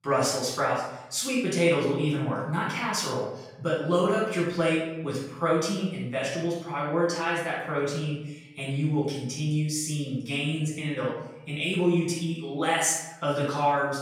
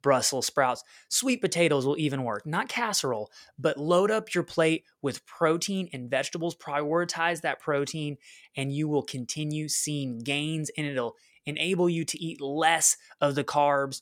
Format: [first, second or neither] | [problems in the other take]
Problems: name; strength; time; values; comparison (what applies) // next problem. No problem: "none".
second | off-mic speech; far // room echo; noticeable; dies away in 0.8 s